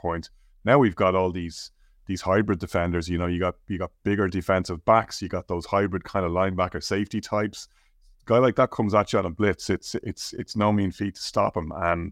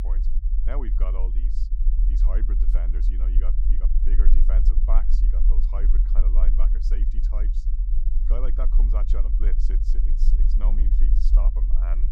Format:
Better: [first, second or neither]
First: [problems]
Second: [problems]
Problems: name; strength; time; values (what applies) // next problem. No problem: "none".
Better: first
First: none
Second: low rumble; loud; throughout; 5 dB below the speech